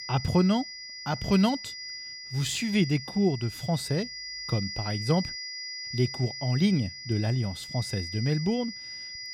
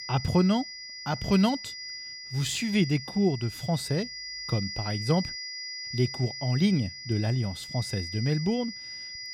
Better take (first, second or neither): neither